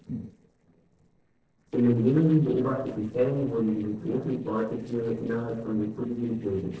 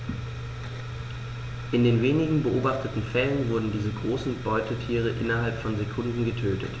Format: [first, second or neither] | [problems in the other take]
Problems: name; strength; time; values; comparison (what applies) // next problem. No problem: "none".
second | noise reduction (neural separator model SepFormer DNS4)